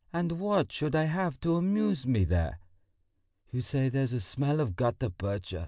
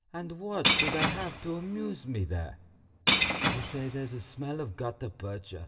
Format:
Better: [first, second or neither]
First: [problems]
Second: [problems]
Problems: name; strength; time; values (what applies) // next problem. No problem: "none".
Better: first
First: none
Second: background sound (Shatter / Crushing); 3 dB above the speech // room echo; dies away in 0.3 s